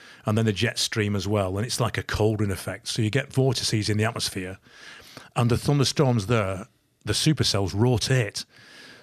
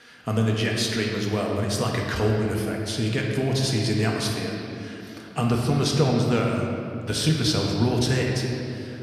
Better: first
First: none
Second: room echo; noticeable; dies away in 2.3 s // off-mic speech; somewhat distant

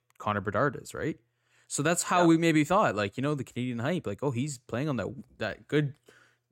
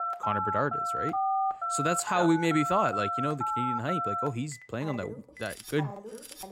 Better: first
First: none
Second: phone ringing; loud; peak 3 dB above the speech

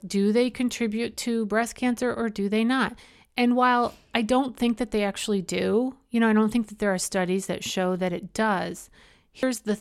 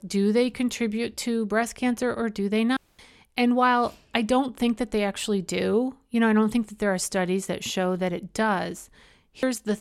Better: first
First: none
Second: audio cutting out; at 3 s

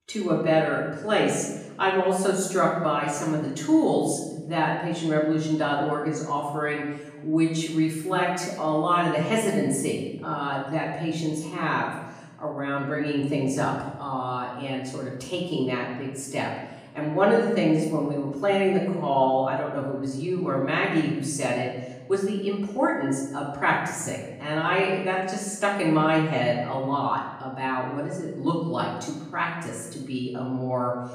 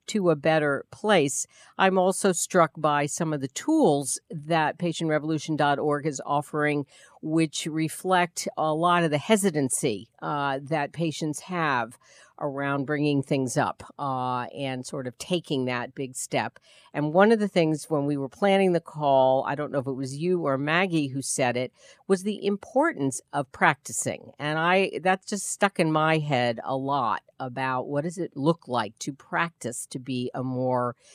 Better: second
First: off-mic speech; far // room echo; noticeable; dies away in 1 s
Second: none

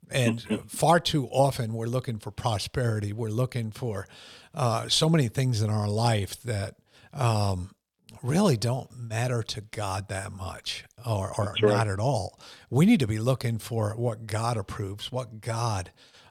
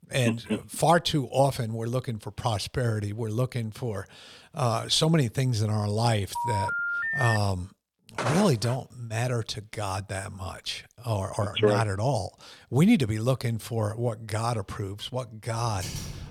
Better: first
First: none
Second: phone ringing; loud; from 6.5 to 7.5 s; peak level with the speech // footsteps; noticeable; at 8 s; peak 3 dB below the speech // keyboard typing; noticeable; at 16 s; peak 8 dB below the speech

